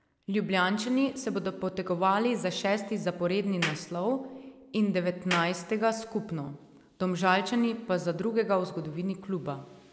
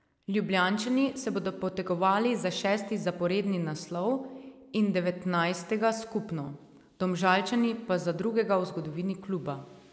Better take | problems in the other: second | background sound (Clapping); 9 dB below the speech

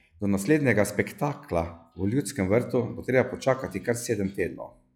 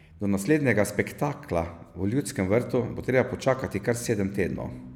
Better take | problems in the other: second | noise reduction (classical method log-MMSE)

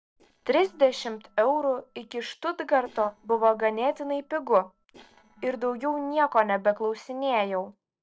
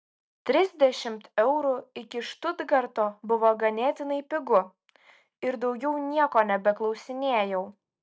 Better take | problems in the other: second | noise reduction (neural separator model SepFormer DNS4)

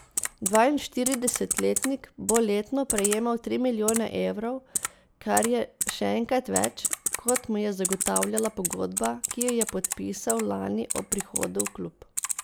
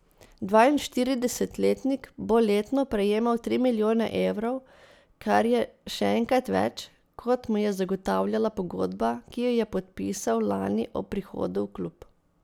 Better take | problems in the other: second | background sound (Typing); 5 dB below the speech

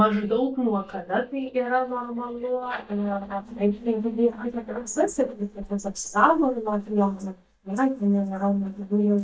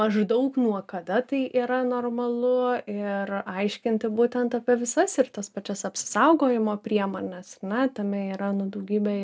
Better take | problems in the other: second | noise reduction (neural mask model DeepFilterNet 3)

